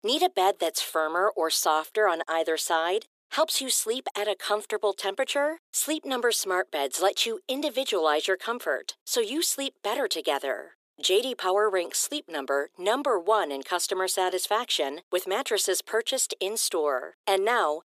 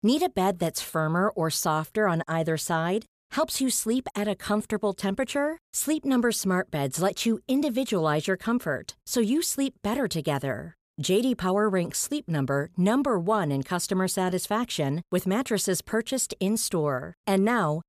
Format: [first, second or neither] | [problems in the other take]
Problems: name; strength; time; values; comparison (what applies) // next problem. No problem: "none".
second | thin; very; fading below 350 Hz